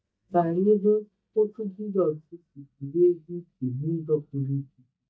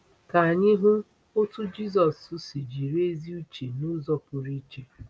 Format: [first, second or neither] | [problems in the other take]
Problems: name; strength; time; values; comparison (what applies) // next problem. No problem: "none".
second | noise reduction (neural mask model DeepFilterNet 3)